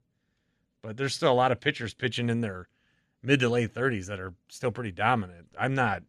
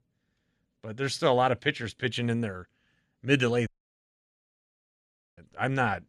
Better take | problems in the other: first | audio cutting out; at 3.5 s for 1.5 s

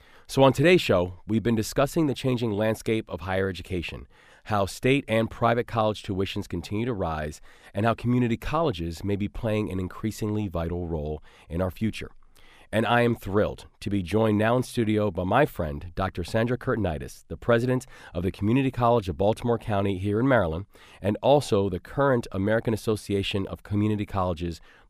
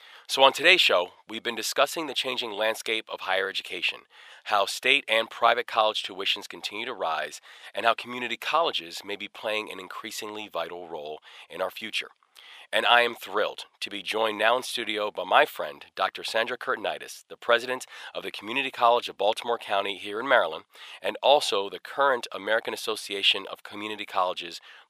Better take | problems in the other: first | thin; very; fading below 750 Hz

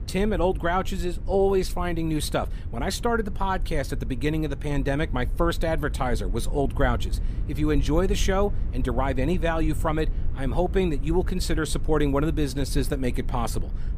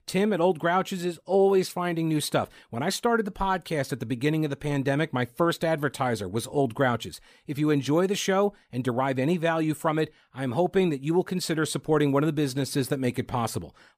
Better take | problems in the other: second | low rumble; faint; throughout; 20 dB below the speech

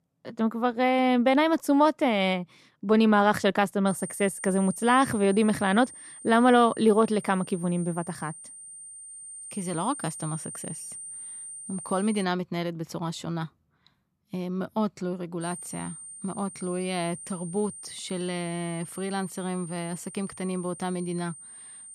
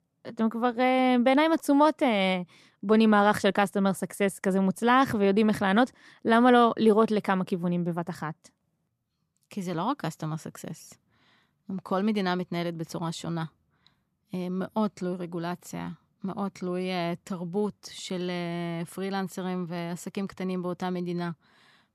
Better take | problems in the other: second | high-pitched whine; noticeable; from 4 to 12 s and from 15 s on; 9 kHz, 15 dB below the speech

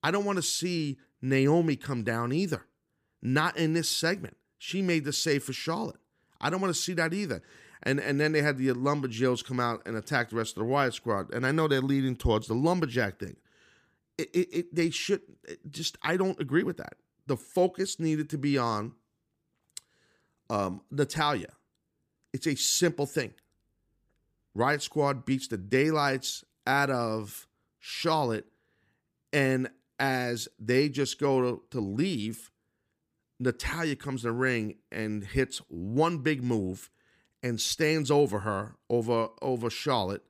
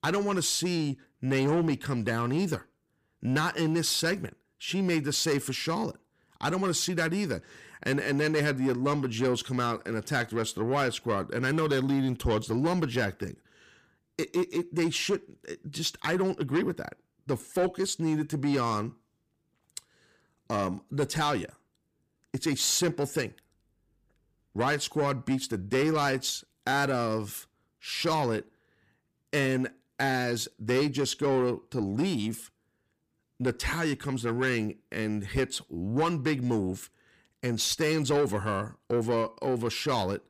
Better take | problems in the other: first | distortion; slight; 10 dB below the speech

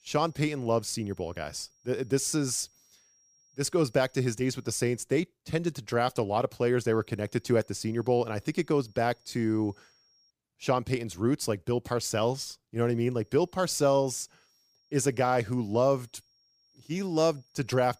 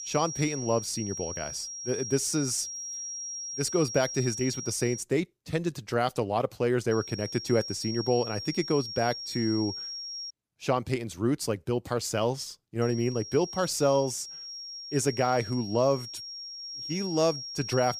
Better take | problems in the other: first | high-pitched whine; loud; until 5 s, from 7 to 10 s and from 13 s on; 5.5 kHz, 7 dB below the speech; faint in the first

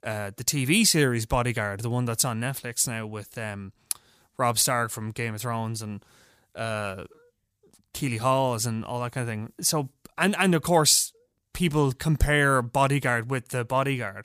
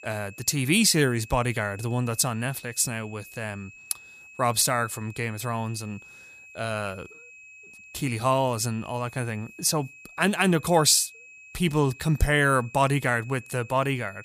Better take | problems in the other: first | high-pitched whine; faint; throughout; 2.5 kHz, 20 dB below the speech

